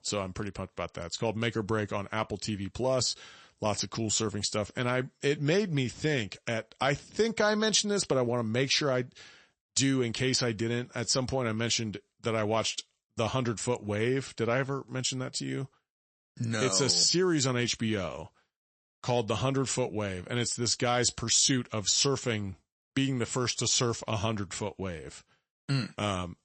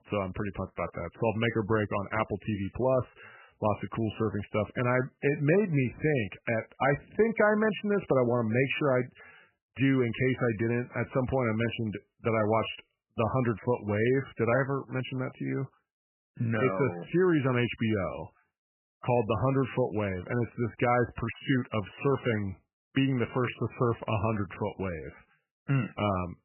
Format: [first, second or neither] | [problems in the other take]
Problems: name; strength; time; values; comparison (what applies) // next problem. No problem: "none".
first | garbled, watery; badly; nothing above 3 kHz; slightly in the first